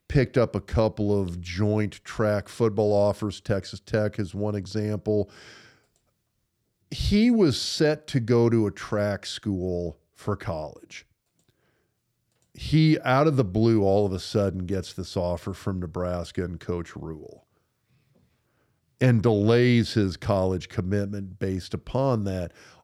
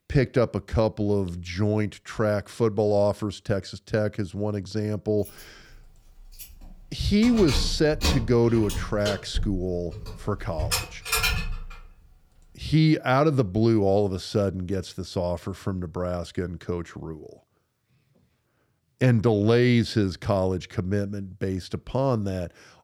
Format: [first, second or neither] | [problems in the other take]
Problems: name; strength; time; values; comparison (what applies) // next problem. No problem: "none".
first | jangling keys; loud; from 6.5 to 12 s; peak 2 dB above the speech